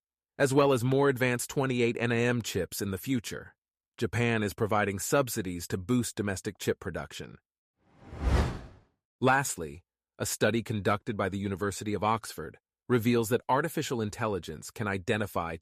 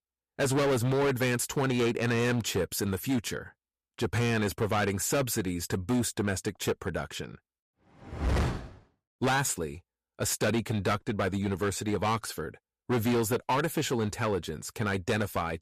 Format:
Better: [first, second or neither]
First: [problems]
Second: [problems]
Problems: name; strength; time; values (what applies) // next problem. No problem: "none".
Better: first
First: none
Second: distortion; heavy; 12% of the sound clipped